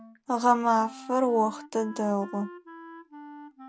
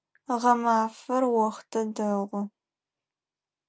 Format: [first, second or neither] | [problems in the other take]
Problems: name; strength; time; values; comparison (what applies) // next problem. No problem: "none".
second | background sound (Wind instrument, woodwind instrument); 17 dB below the speech